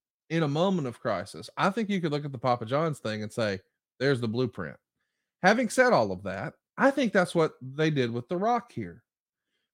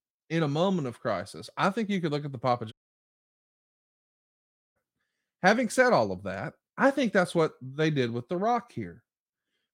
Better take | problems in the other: first | audio cutting out; at 2.5 s for 2 s

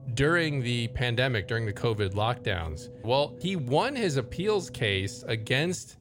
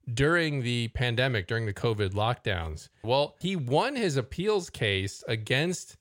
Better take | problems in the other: second | low rumble; noticeable; throughout; 20 dB below the speech

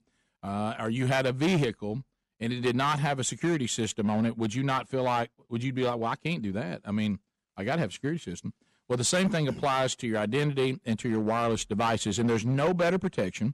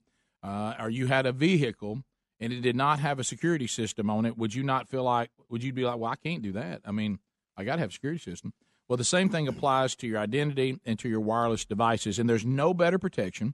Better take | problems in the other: second | distortion; slight; 7% of the sound clipped

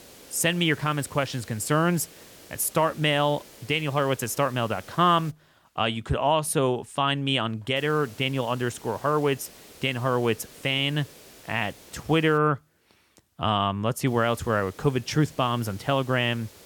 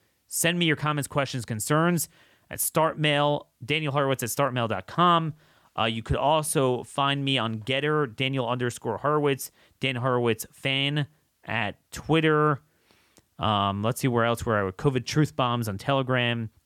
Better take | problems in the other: second | hiss; faint; until 5.5 s, from 8 to 12 s and from 14 s on; 20 dB below the speech

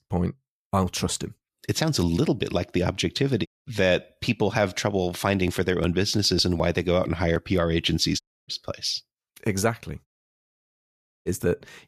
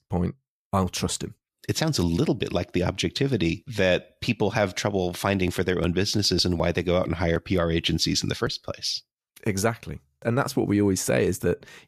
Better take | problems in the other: second | audio cutting out; at 3.5 s, at 8 s and at 10 s for 1 s

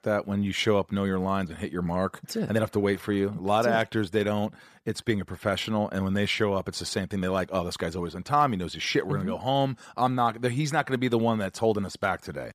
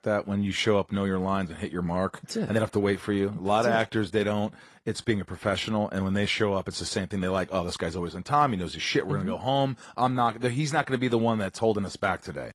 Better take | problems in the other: first | garbled, watery; slightly

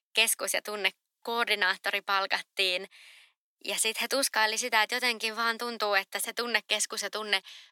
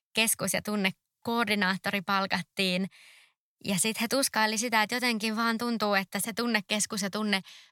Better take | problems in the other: second | thin; somewhat; fading below 300 Hz

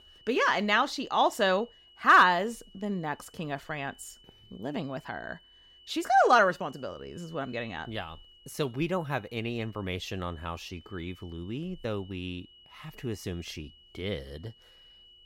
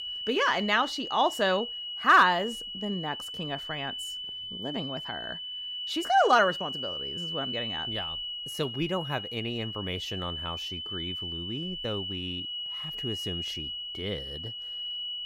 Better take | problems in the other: first | high-pitched whine; loud; throughout; 3 kHz, 5 dB below the speech; faint in the first

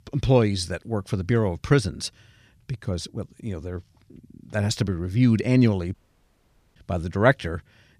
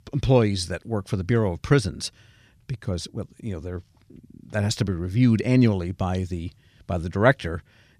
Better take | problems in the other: second | audio cutting out; at 6 s for 1 s

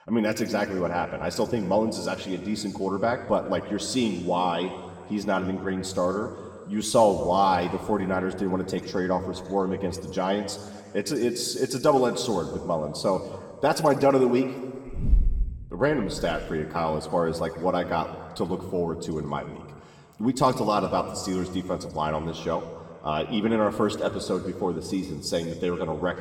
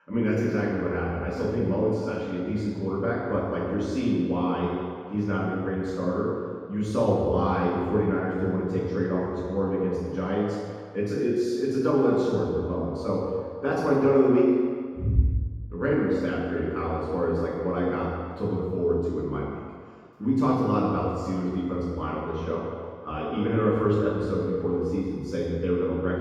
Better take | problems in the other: first | room echo; strong; dies away in 1.8 s; slight in the first // off-mic speech; far

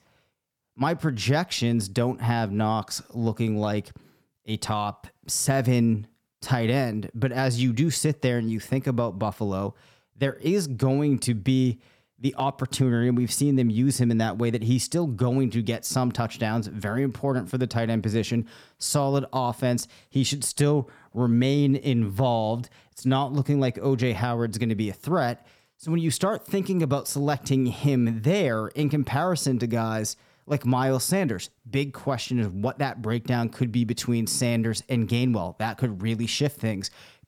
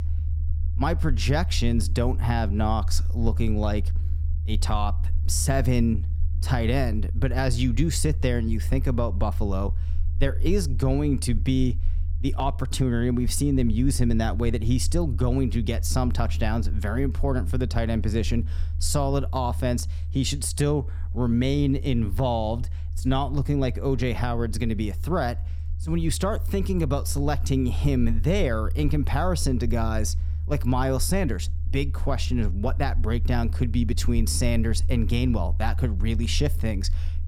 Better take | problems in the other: first | low rumble; noticeable; throughout; 20 dB below the speech

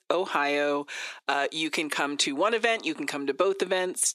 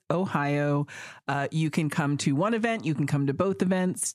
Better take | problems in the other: second | thin; somewhat; fading below 350 Hz

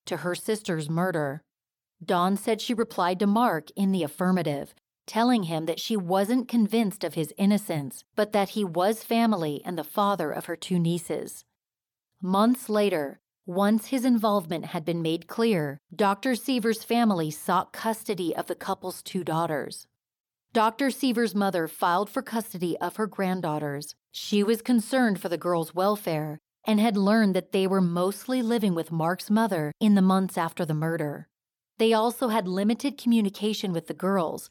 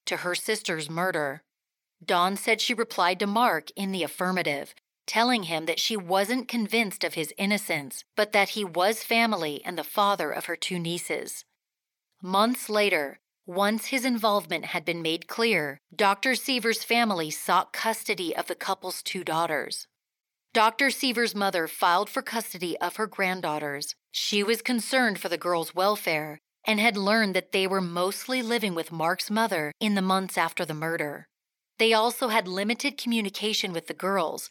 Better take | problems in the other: first | thin; very slightly; fading below 500 Hz

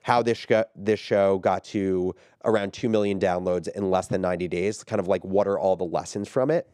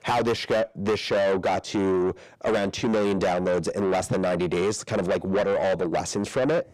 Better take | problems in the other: first | distortion; heavy; 6 dB below the speech

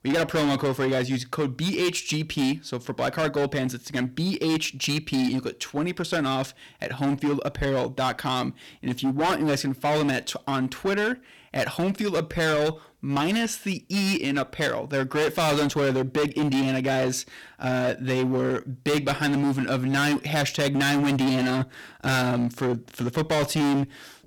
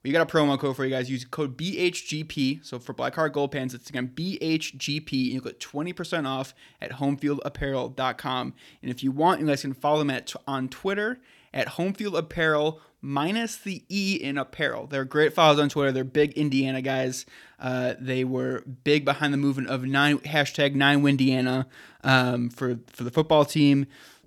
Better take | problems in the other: second | distortion; heavy; 19% of the sound clipped

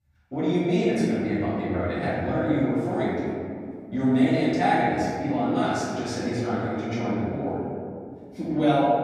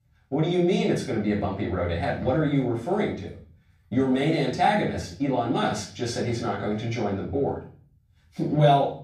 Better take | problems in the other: second | room echo; strong; dies away in 2.1 s; slight in the second // off-mic speech; far; far in the second

